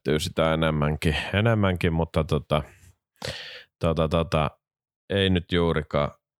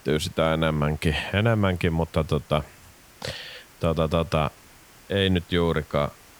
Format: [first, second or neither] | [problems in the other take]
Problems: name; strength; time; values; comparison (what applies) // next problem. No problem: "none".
first | hiss; faint; throughout; 25 dB below the speech